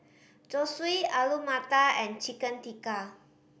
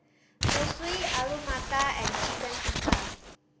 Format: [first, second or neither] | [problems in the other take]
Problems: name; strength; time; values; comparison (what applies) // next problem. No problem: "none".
first | background sound (Crumpling, crinkling); 4 dB above the speech